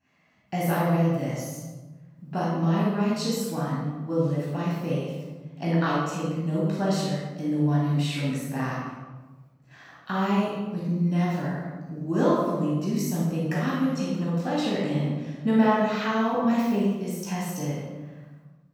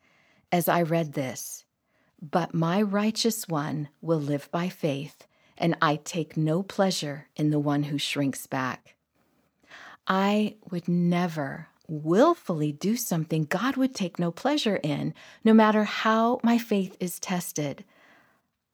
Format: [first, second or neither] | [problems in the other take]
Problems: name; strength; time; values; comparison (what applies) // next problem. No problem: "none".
second | off-mic speech; far // room echo; strong; dies away in 1.3 s